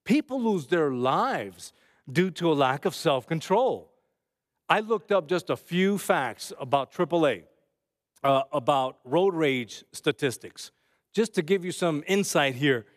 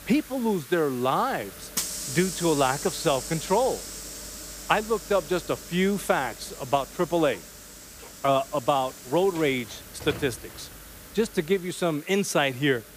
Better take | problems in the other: first | hiss; noticeable; throughout; 10 dB below the speech

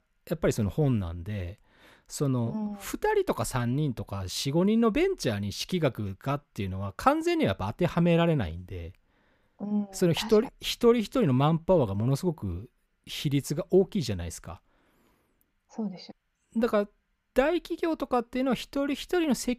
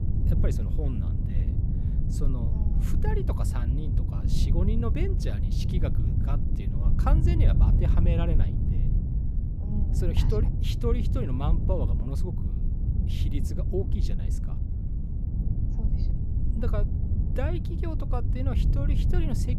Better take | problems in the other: first | wind noise on the microphone; heavy; 3 dB below the speech

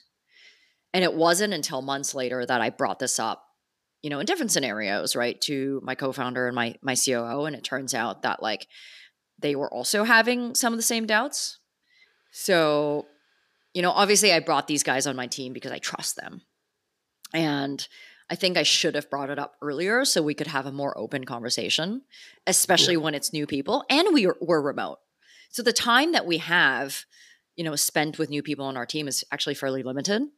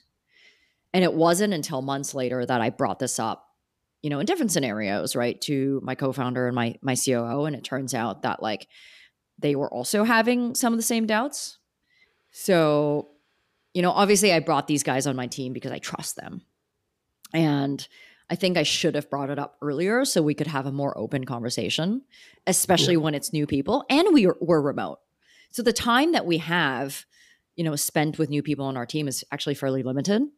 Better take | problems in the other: second | thin; very slightly; fading below 350 Hz

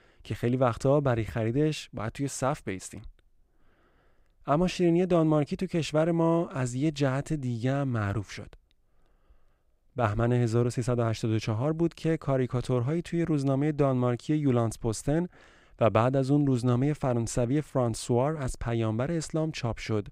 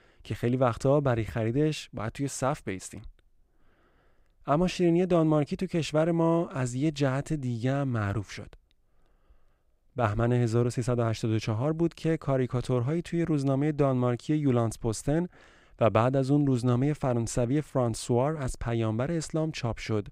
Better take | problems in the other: neither | none

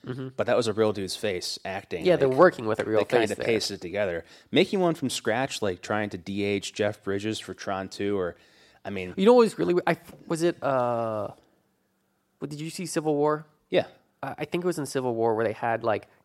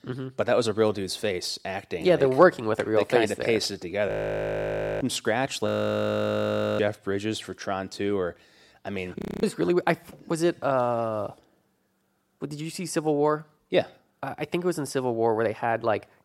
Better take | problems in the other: first | audio freezing; at 4 s for 1 s, at 5.5 s for 1 s and at 9 s

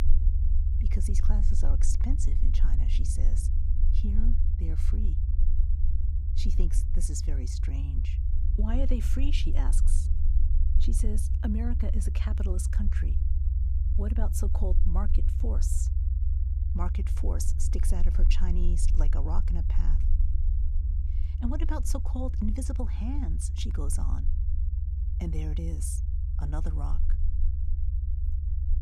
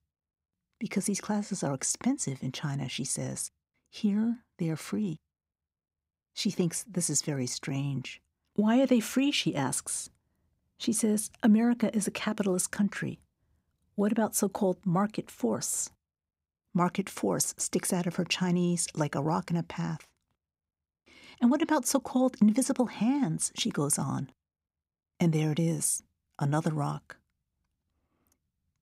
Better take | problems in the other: second | low rumble; loud; throughout; 6 dB below the speech

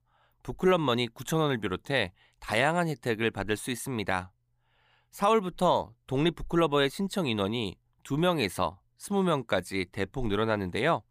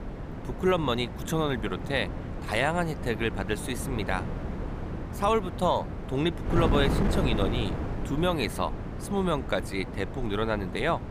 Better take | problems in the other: first | wind noise on the microphone; heavy; 9 dB below the speech

